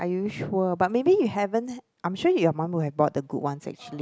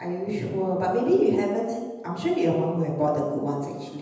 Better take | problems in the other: first | room echo; dies away in 1.1 s

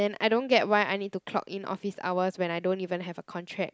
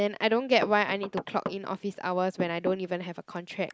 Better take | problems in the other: first | noise reduction (neural mask model Resemble Enhance denoiser)

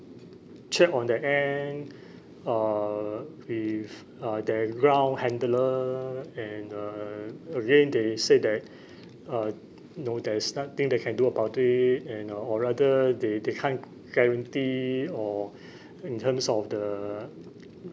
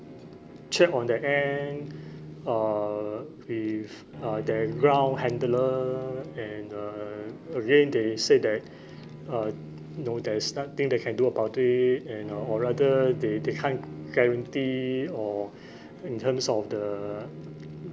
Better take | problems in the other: first | background sound (Bowed string instrument); 14 dB below the speech

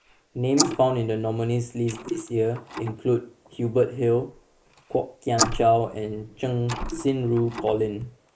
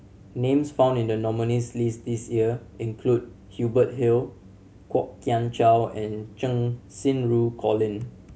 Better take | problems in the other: second | noise reduction (neural mask model Resemble Enhance denoiser)

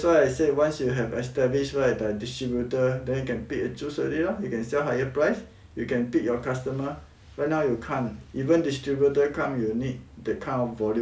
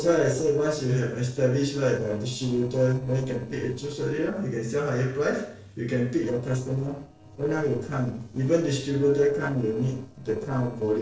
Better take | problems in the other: first | noise reduction (neural separator model SepFormer DNS4)

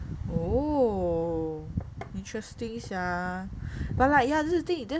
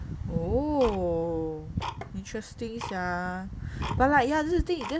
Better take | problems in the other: first | background sound (Tick-tock); 12 dB below the speech

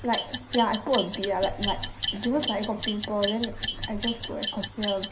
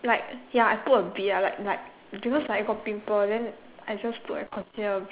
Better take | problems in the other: second | background sound (Clock); 5 dB below the speech // room echo; dies away in 0.3 s

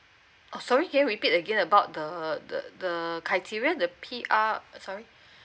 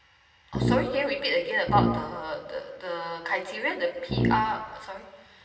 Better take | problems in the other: first | background sound (Brass instrument); as loud as the speech // room echo; dies away in 2.6 s

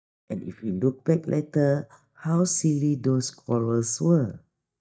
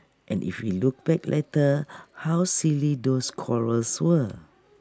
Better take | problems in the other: second | noise reduction (neural mask model DeepFilterNet 3)

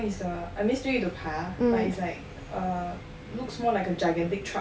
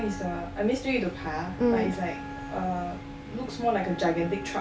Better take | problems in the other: first | background sound (Wind instrument, woodwind instrument); 12 dB below the speech

